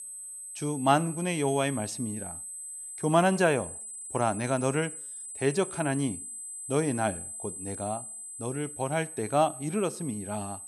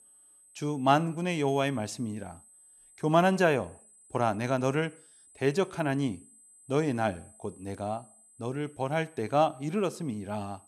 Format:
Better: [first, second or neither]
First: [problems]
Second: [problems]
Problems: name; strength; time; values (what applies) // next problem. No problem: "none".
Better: second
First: high-pitched whine; loud; throughout; 8 kHz, 9 dB below the speech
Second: high-pitched whine; faint; throughout; 8 kHz, 25 dB below the speech